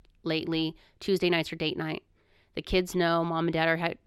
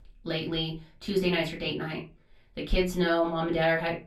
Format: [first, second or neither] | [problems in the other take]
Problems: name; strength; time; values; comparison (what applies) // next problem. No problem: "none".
first | off-mic speech; far // room echo; very slight; dies away in 0.2 s